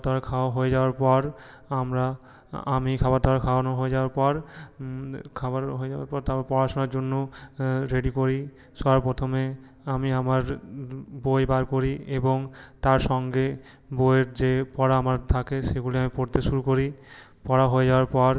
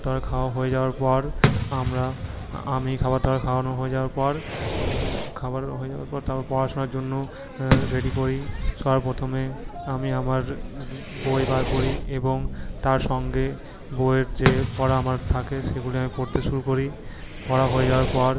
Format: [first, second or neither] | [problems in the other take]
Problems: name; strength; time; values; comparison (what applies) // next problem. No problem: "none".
first | background sound (Fireworks); 4 dB below the speech